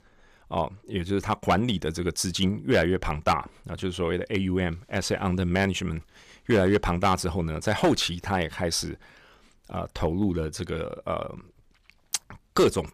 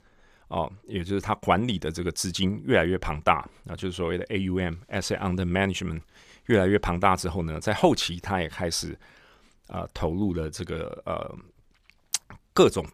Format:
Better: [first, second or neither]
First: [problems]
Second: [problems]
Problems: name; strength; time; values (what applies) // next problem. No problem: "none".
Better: second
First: distortion; slight; 1.5% of the sound clipped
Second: none